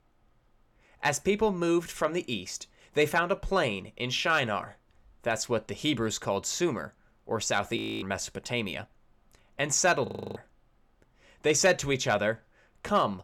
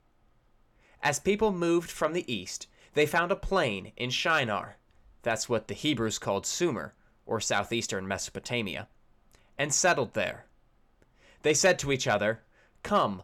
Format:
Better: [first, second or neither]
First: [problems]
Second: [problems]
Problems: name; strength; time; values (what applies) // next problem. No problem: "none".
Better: second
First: audio freezing; at 8 s and at 10 s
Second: none